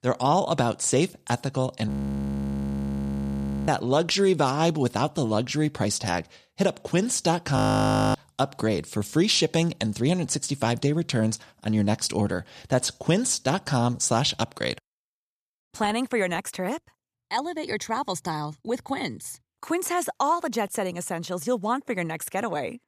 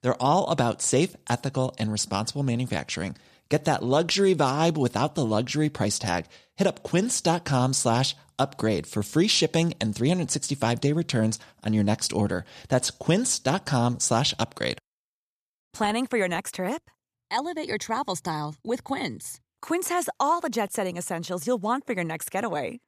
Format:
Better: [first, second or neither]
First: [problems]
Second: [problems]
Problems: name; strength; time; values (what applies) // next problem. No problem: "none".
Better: second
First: audio freezing; at 2 s for 2 s and at 7.5 s for 0.5 s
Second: none